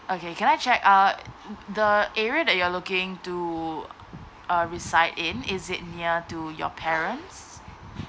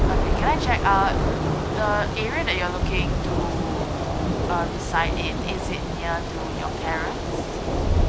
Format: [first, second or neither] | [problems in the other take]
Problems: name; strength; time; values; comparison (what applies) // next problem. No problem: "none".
first | background sound (Thunder / Rain); 4 dB above the speech